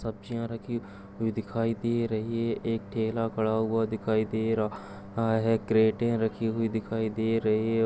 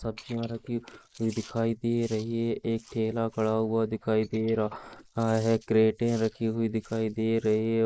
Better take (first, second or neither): first